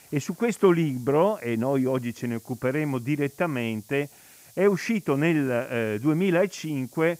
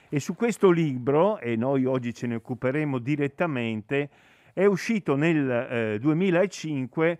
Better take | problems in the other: second | hiss; faint; throughout; 25 dB below the speech

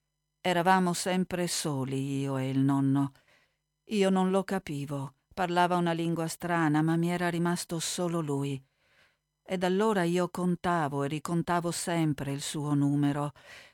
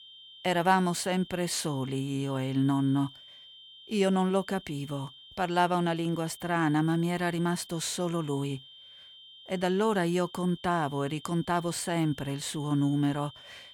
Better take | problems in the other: first | high-pitched whine; noticeable; throughout; 3 kHz, 20 dB below the speech

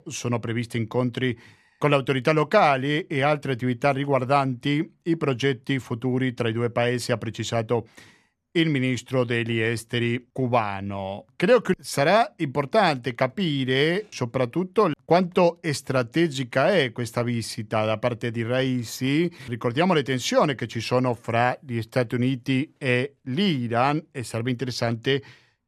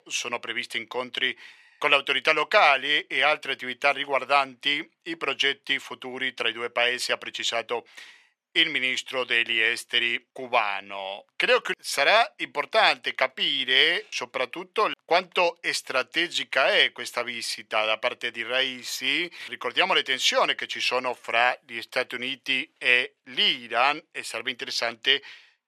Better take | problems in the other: first | thin; very; fading below 600 Hz

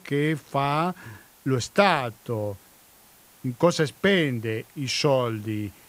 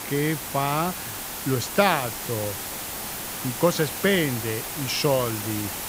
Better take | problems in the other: first | hiss; loud; throughout; 5 dB below the speech; faint in the first

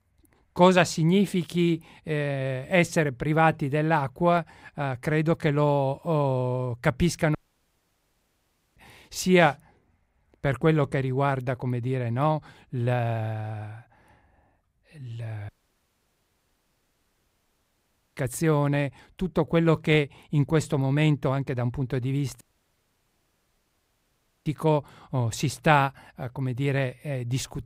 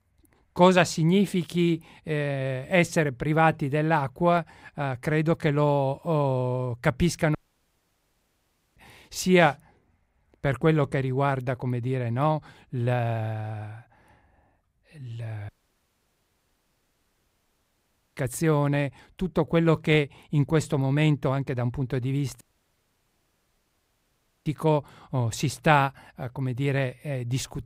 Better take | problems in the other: neither | audio cutting out; at 7.5 s for 1.5 s, at 15 s for 2.5 s and at 22 s for 2 s; the same in both

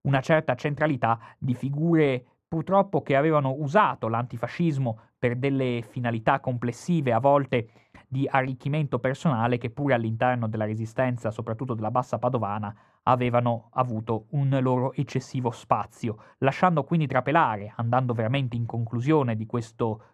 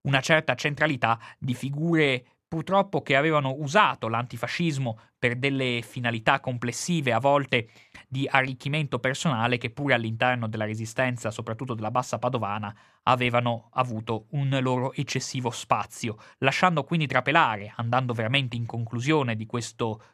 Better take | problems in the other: second | muffled; slightly; fading above 1.5 kHz

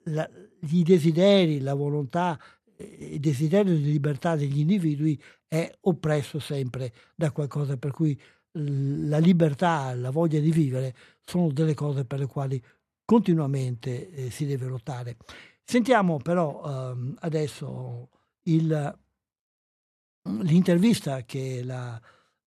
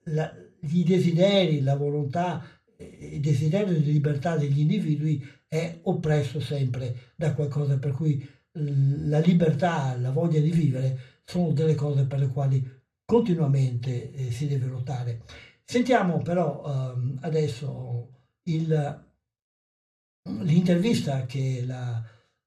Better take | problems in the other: first | room echo; very slight; dies away in 0.3 s // off-mic speech; far

